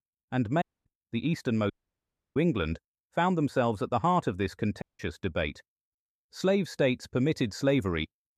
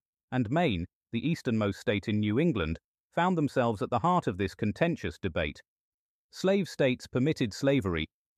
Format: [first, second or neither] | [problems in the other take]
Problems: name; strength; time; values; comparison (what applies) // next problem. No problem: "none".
second | audio cutting out; at 0.5 s, at 1.5 s for 0.5 s and at 5 s